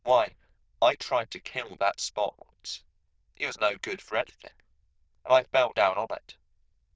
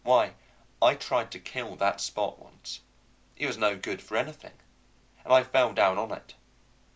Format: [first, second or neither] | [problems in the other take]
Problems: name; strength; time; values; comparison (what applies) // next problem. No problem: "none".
second | noise reduction (neural diffusion model UNIVERSE++)